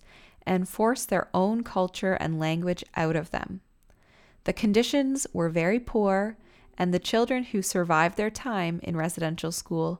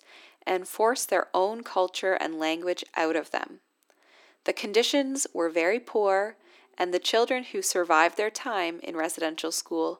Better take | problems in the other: first | thin; somewhat; fading below 300 Hz

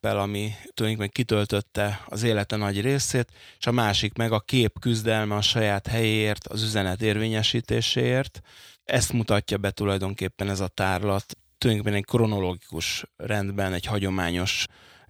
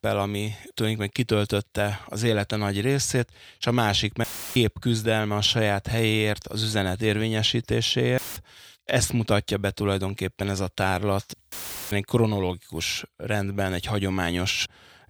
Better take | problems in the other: first | audio cutting out; filled with static; at 4 s, at 8 s and at 12 s

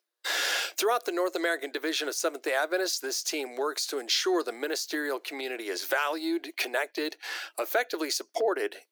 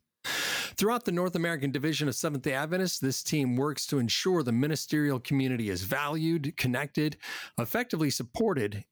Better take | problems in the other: second | thin; very; fading below 350 Hz

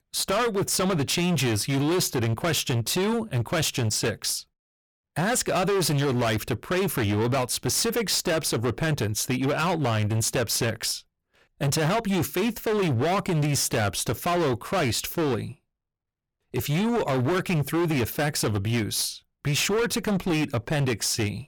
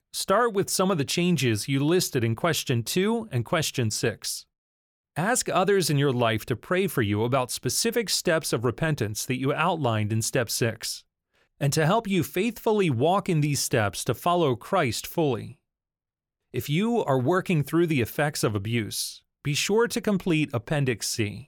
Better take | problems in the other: second | distortion; heavy; 25% of the sound clipped

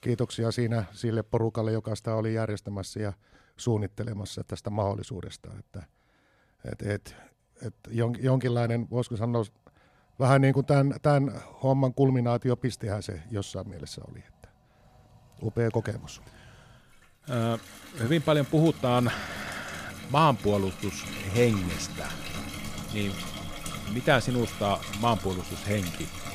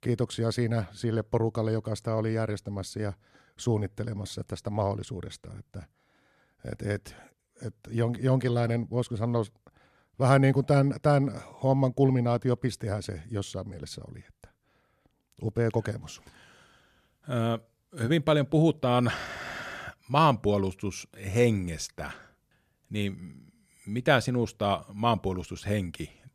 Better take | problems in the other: second | household noises; noticeable; throughout; 10 dB below the speech

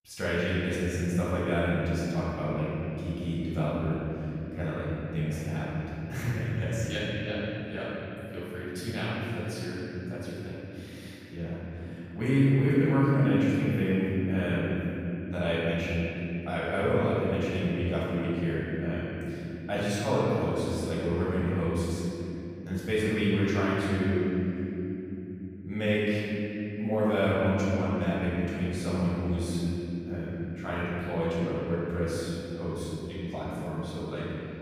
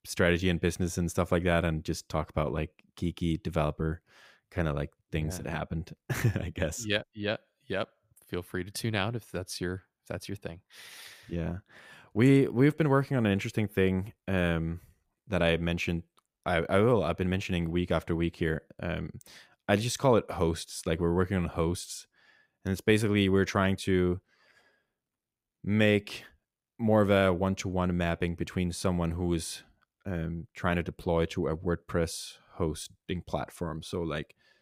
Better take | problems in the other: second | room echo; strong; dies away in 3 s // off-mic speech; far

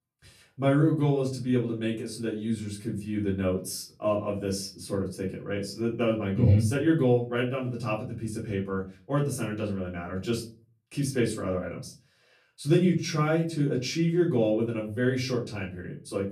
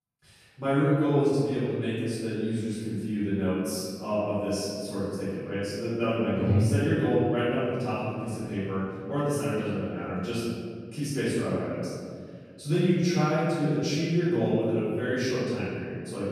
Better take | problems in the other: first | room echo; strong; dies away in 2 s; slight in the first // off-mic speech; far; far in the first

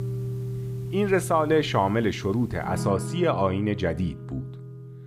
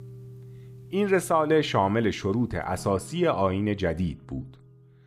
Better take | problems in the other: second | background music; loud; throughout; 9 dB below the speech; faint in the second

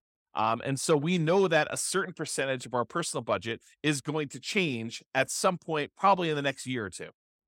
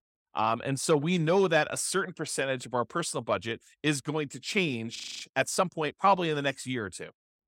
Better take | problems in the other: first | audio freezing; at 5 s

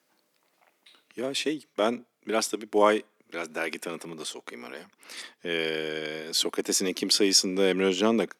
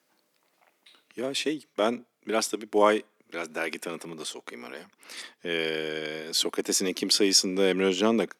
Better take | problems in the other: neither | thin; somewhat; fading below 300 Hz; the same in both

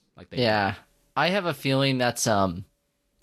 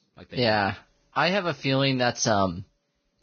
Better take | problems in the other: first | garbled, watery; badly; nothing above 6.5 kHz; slightly in the first

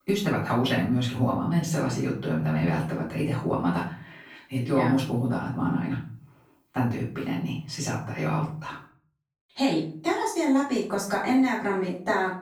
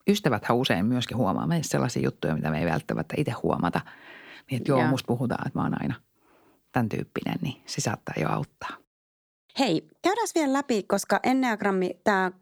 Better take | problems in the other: second | off-mic speech; far // room echo; noticeable; dies away in 0.4 s

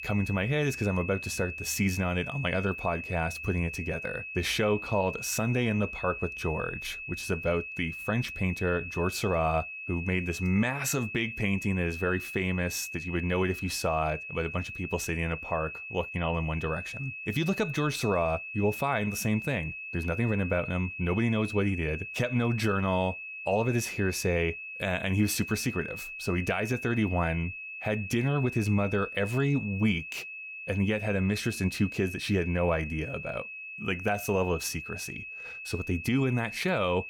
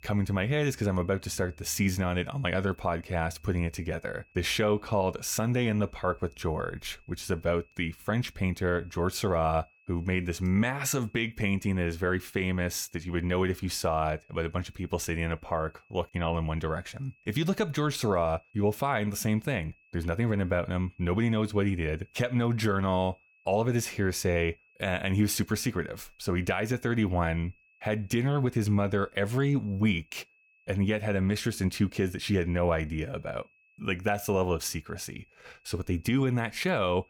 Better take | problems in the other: second | high-pitched whine; loud; throughout; 2.5 kHz, 8 dB below the speech; faint in the second

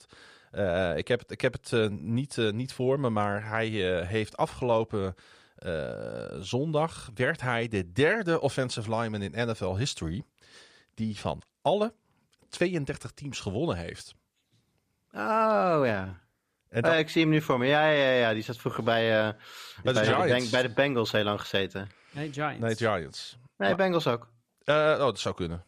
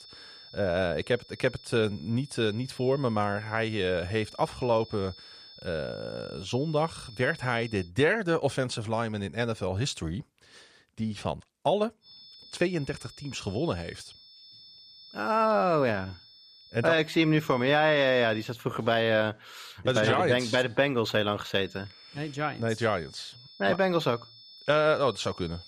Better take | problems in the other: first | high-pitched whine; faint; until 8 s, from 12 to 18 s and from 22 s on; 5.5 kHz, 20 dB below the speech

